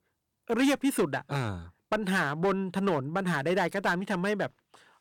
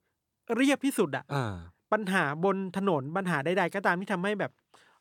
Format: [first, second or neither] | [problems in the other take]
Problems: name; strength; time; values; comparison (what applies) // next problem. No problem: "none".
second | distortion; slight; 5% of the sound clipped